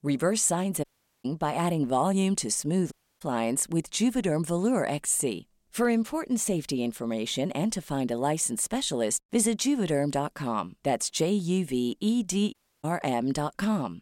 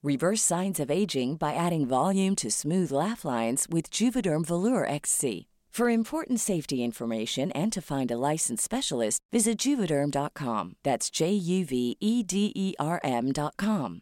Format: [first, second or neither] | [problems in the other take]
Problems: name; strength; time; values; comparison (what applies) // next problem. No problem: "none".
second | audio cutting out; at 1 s, at 3 s and at 13 s